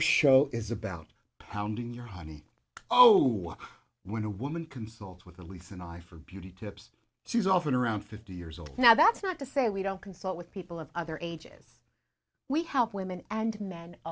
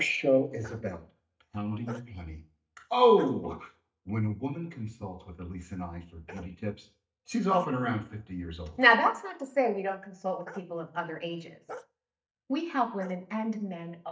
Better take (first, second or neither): first